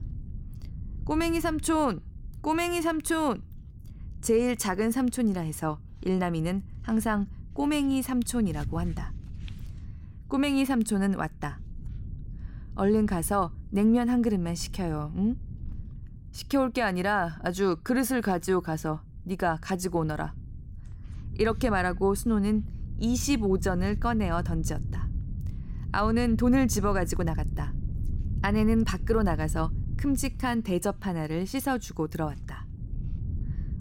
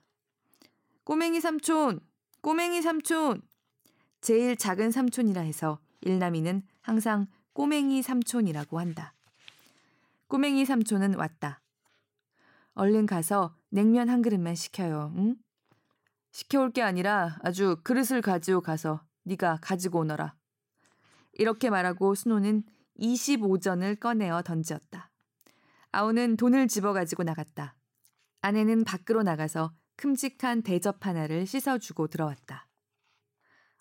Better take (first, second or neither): second